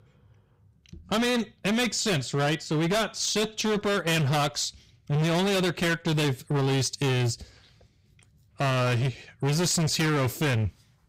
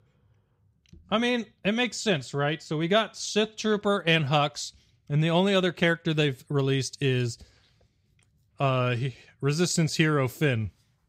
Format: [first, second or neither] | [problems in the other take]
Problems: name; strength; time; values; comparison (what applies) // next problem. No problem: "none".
second | distortion; heavy; 25% of the sound clipped